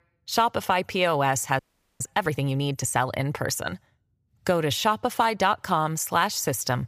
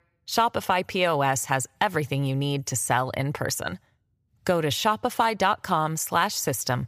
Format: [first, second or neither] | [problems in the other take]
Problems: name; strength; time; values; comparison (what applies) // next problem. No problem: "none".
second | audio freezing; at 1.5 s